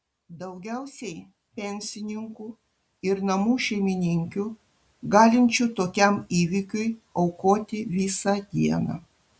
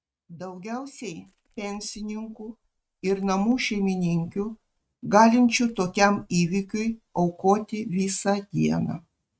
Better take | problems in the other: first | noise reduction (neural mask model RNNoise)

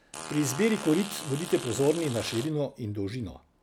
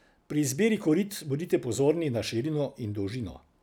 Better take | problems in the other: second | background sound (Fart); 11 dB below the speech

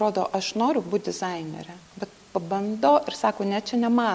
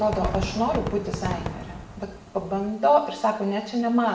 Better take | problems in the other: first | background sound (Fireworks); 9 dB below the speech // room echo; dies away in 0.7 s

